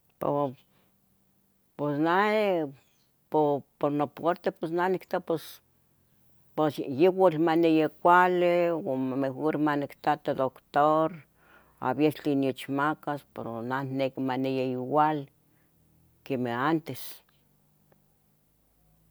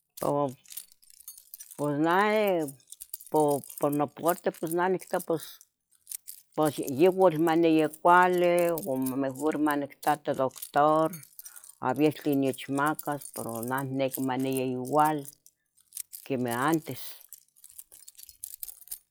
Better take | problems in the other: first | noise reduction (classical method log-MMSE)

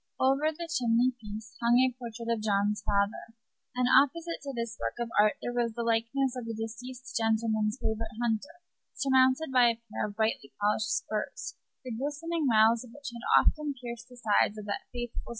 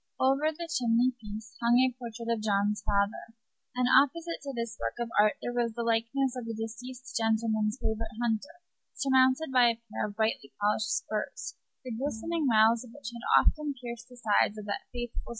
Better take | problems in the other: first | background sound (Bowed string instrument); 19 dB below the speech

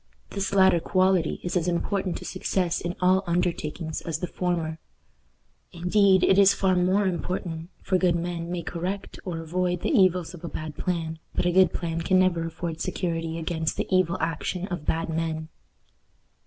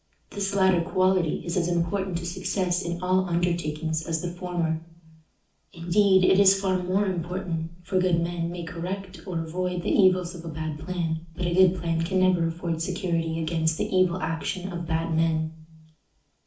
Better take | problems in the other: first | room echo; dies away in 0.4 s

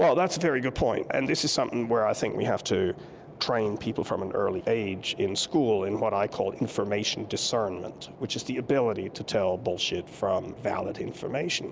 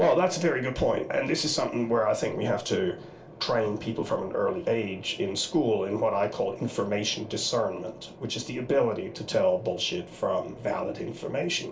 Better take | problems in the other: first | room echo; dies away in 0.3 s

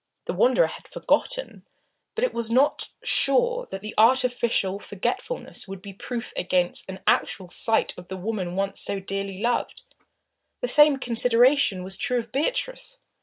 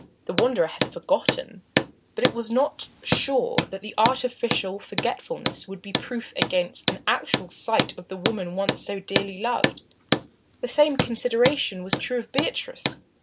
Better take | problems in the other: first | background sound (Hammer); 3 dB below the speech

